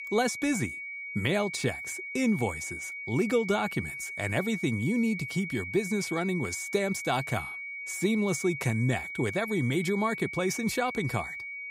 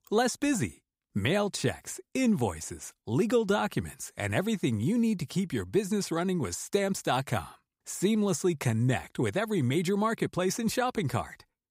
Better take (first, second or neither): second